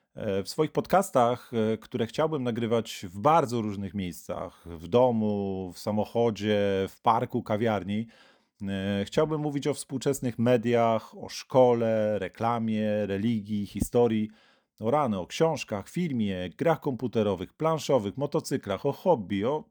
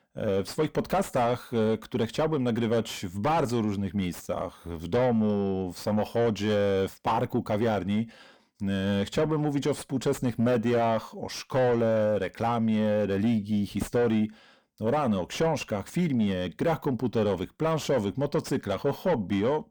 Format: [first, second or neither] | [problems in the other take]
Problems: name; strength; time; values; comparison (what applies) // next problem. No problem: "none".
first | distortion; heavy; 7 dB below the speech